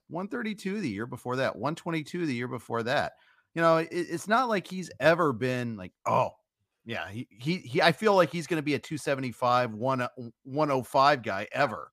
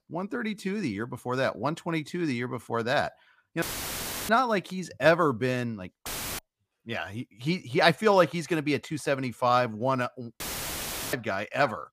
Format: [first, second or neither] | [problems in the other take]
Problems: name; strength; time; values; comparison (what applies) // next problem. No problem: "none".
first | audio cutting out; filled with static; at 3.5 s for 0.5 s, at 6 s and at 10 s for 0.5 s